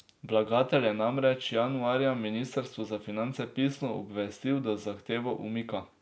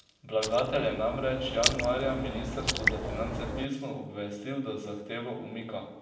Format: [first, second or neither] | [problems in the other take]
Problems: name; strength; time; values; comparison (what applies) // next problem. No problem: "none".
first | background sound (Raindrop); 1 dB below the speech // room echo; dies away in 0.9 s